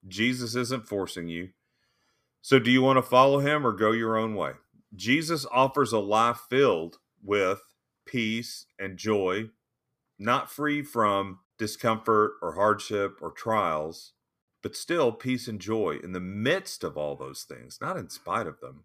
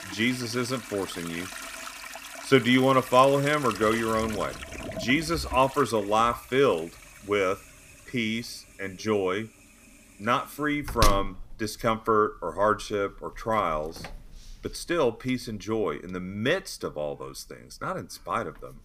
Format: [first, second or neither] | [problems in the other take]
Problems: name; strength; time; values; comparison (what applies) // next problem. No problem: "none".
first | household noises; noticeable; throughout; 10 dB below the speech